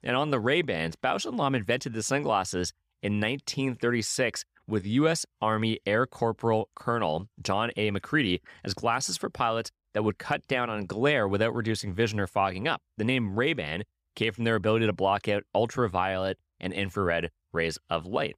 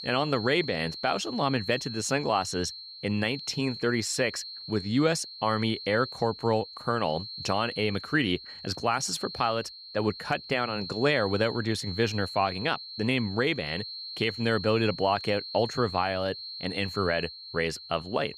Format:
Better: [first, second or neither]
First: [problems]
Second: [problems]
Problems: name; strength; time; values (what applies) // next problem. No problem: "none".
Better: first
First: none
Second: high-pitched whine; loud; throughout; 4 kHz, 10 dB below the speech